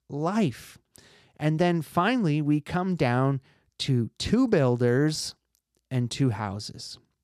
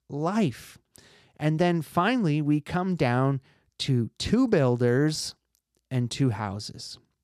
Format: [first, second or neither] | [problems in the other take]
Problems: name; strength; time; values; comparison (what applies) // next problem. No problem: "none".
neither | none